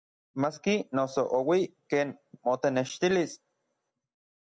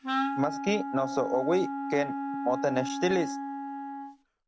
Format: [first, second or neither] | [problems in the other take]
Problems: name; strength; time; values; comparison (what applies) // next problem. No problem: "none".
first | background sound (Wind instrument, woodwind instrument); 3 dB below the speech